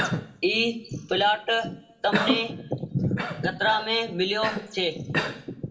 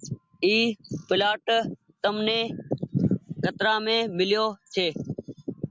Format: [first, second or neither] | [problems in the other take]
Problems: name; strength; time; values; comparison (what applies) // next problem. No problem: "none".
second | background sound (Cough); 6 dB below the speech // room echo; dies away in 0.4 s